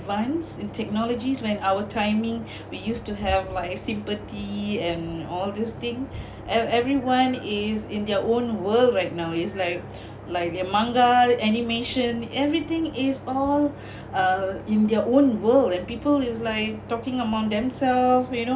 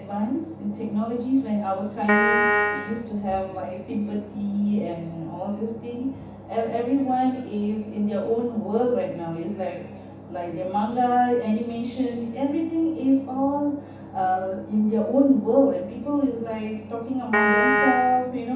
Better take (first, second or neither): first